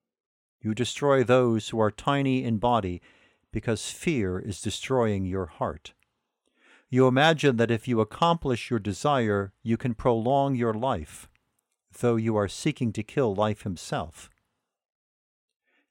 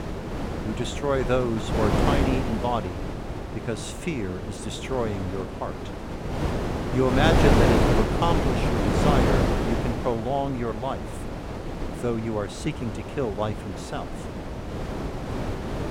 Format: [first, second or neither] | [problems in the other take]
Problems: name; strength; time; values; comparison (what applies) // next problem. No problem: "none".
first | wind noise on the microphone; heavy; 1 dB below the speech